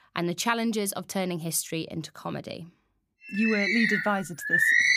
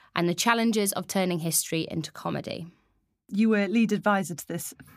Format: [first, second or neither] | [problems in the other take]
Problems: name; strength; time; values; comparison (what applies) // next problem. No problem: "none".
second | animal sounds; very loud; from 3.5 s on; 4 dB above the speech